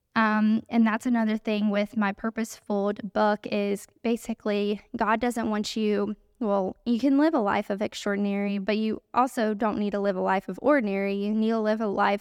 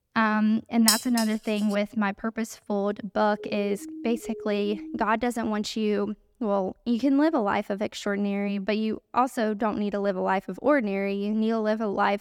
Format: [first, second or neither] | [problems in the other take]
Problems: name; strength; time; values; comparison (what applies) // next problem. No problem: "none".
first | clattering dishes; loud; at 1 s; peak 4 dB above the speech // siren; faint; from 3.5 to 5 s; peak 10 dB below the speech